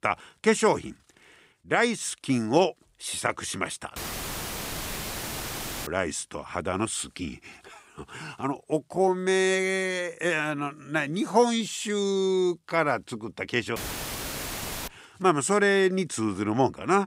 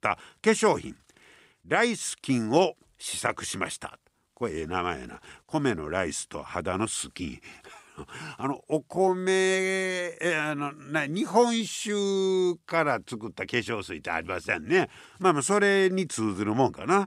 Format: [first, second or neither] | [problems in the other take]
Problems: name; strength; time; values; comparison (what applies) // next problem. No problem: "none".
second | audio cutting out; filled with static; at 4 s for 2 s and at 14 s for 1 s